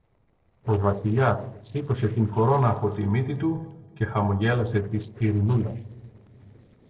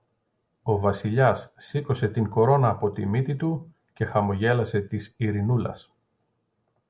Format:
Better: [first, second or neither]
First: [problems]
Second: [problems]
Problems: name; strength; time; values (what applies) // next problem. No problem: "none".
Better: second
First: noise reduction (neural separator model SepFormer DNS4)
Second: none